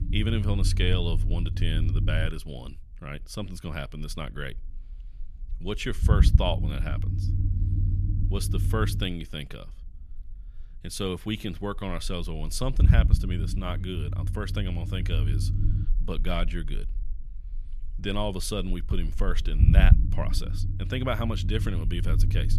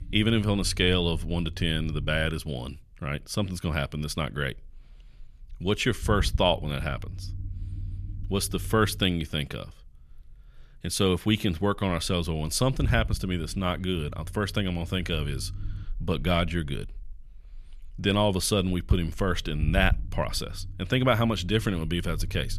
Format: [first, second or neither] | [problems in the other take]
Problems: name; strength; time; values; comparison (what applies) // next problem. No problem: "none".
second | low rumble; loud; throughout; 8 dB below the speech; faint in the second